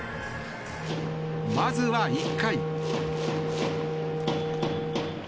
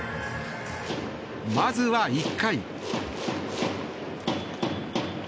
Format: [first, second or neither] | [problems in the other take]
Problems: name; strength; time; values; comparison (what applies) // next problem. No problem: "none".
second | background sound (Wind instrument, woodwind instrument); as loud as the speech